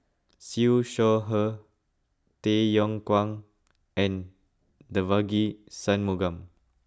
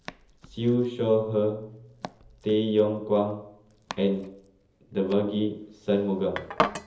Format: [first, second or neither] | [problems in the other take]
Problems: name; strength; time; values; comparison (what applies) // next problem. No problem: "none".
first | background sound (Domestic sounds, home sounds); 11 dB below the speech // room echo; dies away in 0.7 s